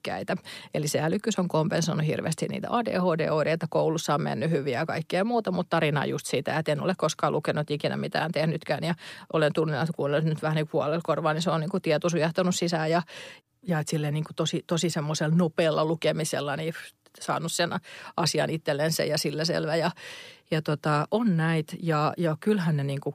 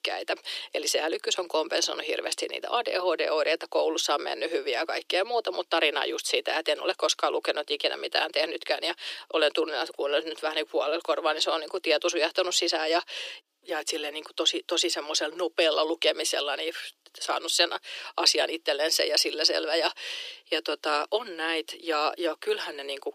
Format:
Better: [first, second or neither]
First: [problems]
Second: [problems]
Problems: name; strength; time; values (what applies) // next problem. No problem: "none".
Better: first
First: none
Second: thin; very; fading below 350 Hz